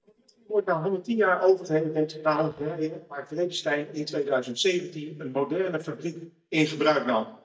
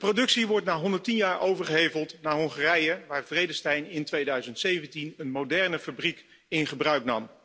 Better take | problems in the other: second | noise reduction (neural mask model DeepFilterNet 3)

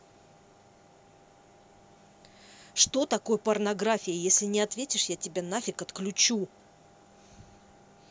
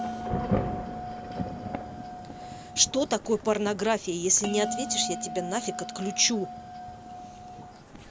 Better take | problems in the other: first | background sound (Thunder / Rain + Bell); 5 dB below the speech

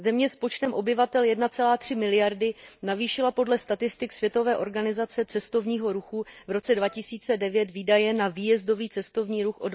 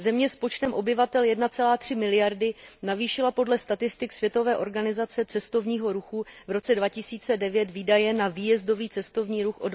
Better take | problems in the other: second | noise reduction (neural mask model DeepFilterNet 3)

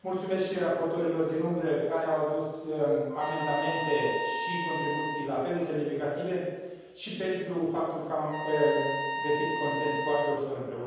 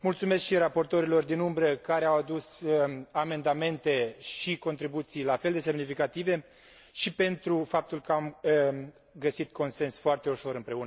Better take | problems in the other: second | background sound (Trumpet); 6 dB below the speech // room echo; dies away in 1.2 s

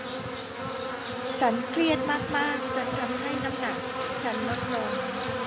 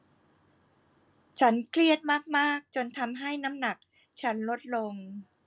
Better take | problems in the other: second | background sound (Insect); as loud as the speech

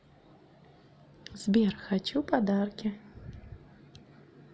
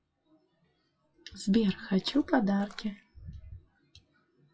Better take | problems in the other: first | noise reduction (classical method WPE with log-MMSE)

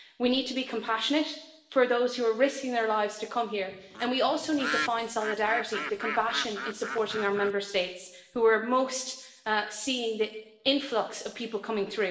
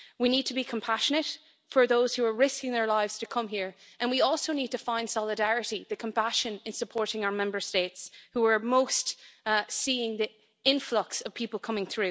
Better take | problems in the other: second | background sound (Bird); 7 dB below the speech // room echo; dies away in 0.8 s

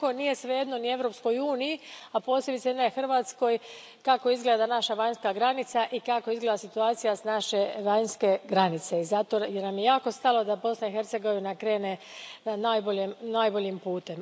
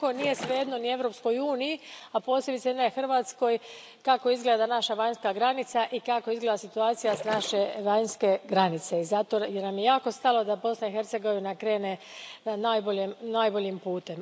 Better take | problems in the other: first | background sound (Splash, splatter); 12 dB below the speech

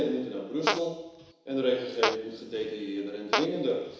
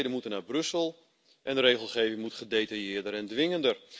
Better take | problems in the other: second | background sound (Fart); 4 dB below the speech // room echo; dies away in 1 s

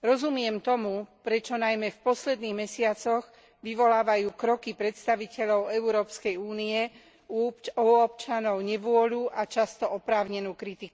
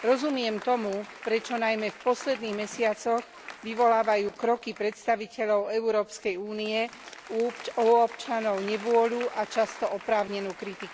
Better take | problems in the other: first | background sound (Applause); 17 dB below the speech

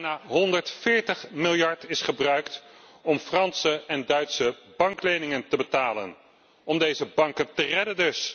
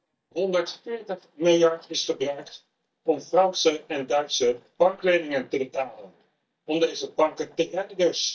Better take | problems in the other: first | noise reduction (neural mask model DeepFilterNet 3)

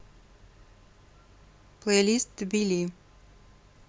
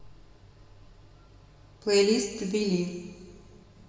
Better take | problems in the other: first | room echo; dies away in 2.2 s

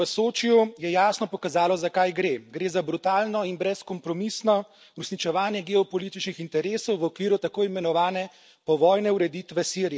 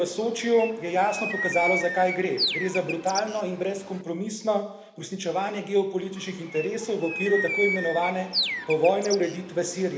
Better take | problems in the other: first | background sound (Bird); 6 dB below the speech // room echo; dies away in 1 s

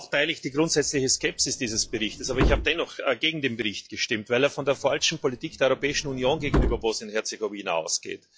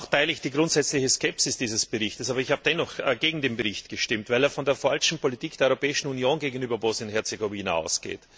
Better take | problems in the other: second | noise reduction (classical method log-MMSE)

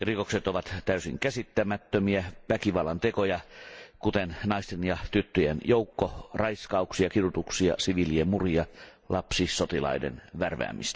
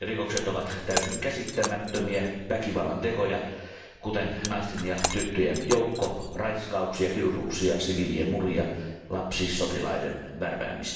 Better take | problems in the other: first | background sound (Shatter); 10 dB below the speech // room echo; dies away in 1.1 s

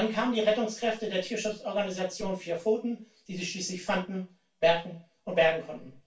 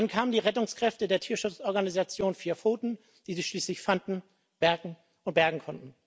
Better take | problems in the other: second | room echo; dies away in 0.2 s

